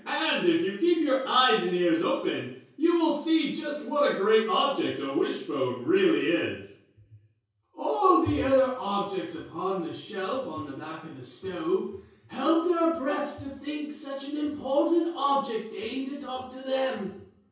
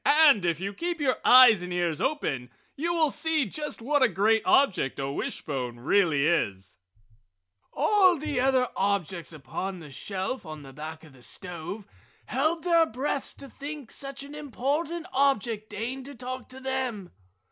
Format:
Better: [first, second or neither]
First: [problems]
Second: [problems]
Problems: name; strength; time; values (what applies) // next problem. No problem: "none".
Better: second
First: room echo; dies away in 0.6 s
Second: none